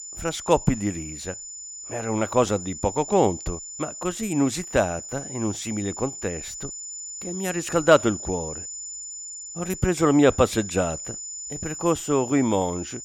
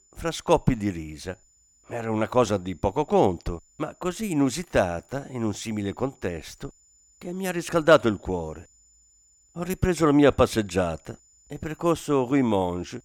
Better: second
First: high-pitched whine; loud; throughout; 7 kHz, 10 dB below the speech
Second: high-pitched whine; faint; throughout; 7 kHz, 35 dB below the speech

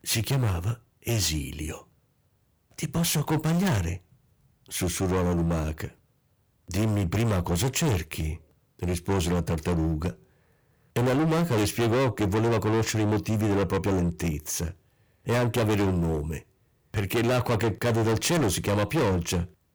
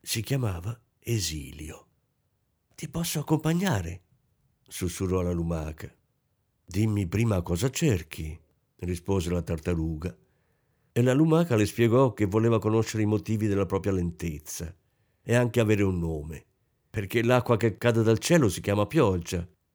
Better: second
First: distortion; heavy; 20% of the sound clipped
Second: none

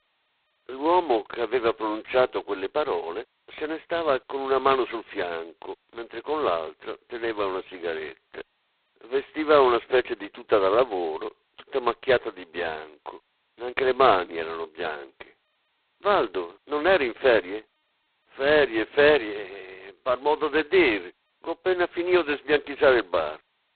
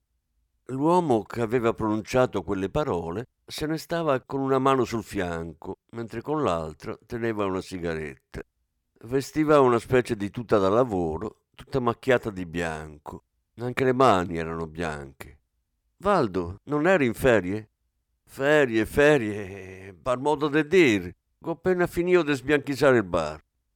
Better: second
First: phone-call audio; poor line; nothing above 4 kHz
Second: none

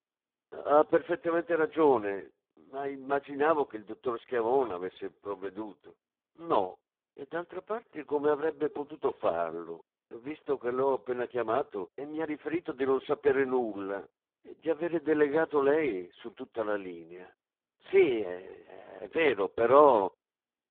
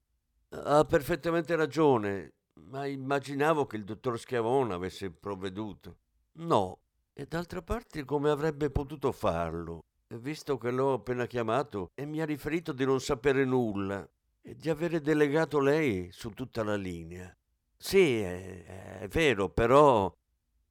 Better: second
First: phone-call audio; poor line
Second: none

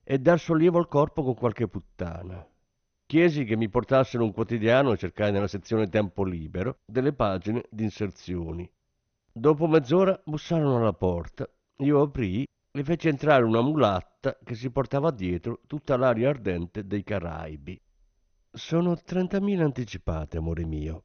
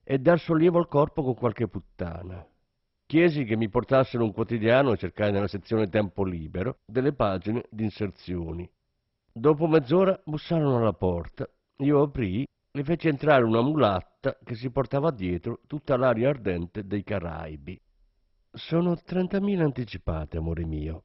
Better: first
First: garbled, watery; slightly; nothing above 6.5 kHz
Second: garbled, watery; badly; nothing above 5.5 kHz

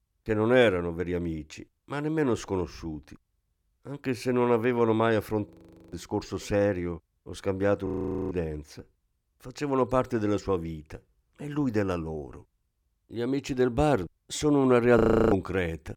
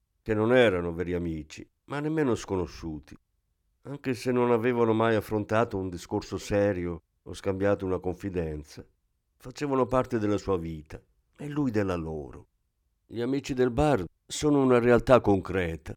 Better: second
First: audio freezing; at 5.5 s, at 8 s and at 15 s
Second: none

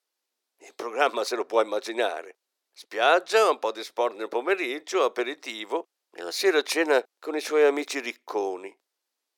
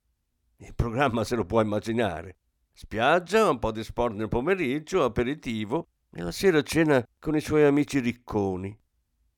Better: second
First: thin; very; fading below 350 Hz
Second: none

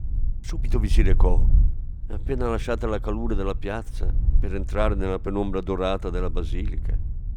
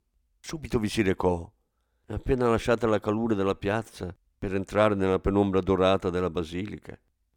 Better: second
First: wind noise on the microphone; occasional gusts; 20 dB below the speech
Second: none

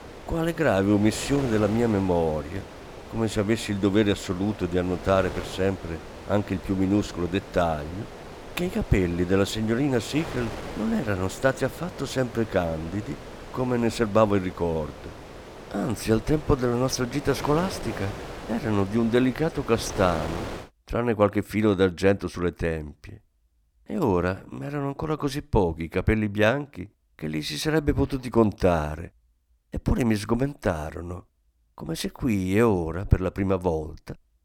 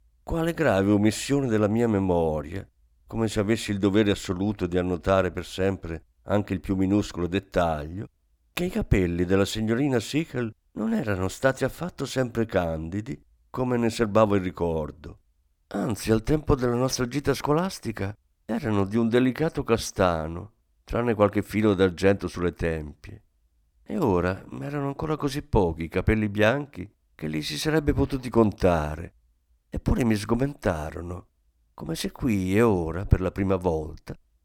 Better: second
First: wind noise on the microphone; occasional gusts; until 21 s; 10 dB below the speech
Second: none

